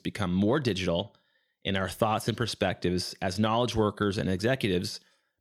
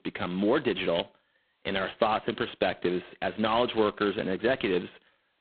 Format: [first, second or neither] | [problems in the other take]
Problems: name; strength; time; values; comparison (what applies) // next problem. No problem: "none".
first | phone-call audio; poor line; nothing above 4 kHz